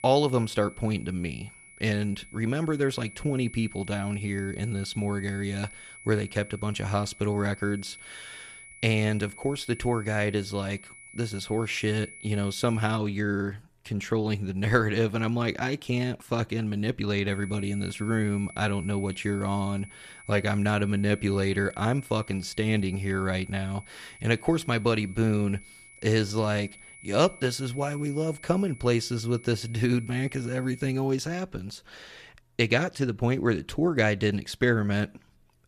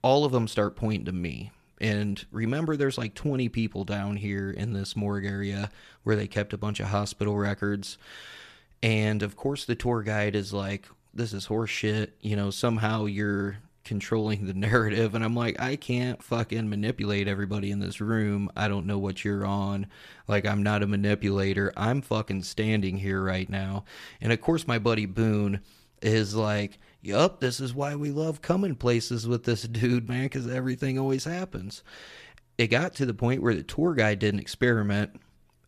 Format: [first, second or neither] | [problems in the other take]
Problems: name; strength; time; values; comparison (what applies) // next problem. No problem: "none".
second | high-pitched whine; noticeable; until 13 s and from 17 to 31 s; 2 kHz, 20 dB below the speech